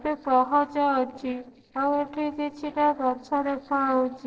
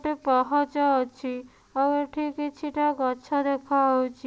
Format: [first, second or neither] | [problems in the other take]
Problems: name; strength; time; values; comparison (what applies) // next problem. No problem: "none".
second | noise reduction (neural separator model SepFormer DNS4)